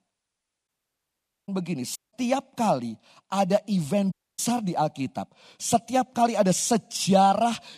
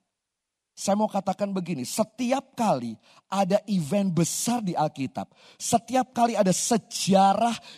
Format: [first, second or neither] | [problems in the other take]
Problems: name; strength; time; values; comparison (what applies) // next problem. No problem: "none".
second | audio cutting out; at 0.5 s for 1 s, at 2 s and at 4 s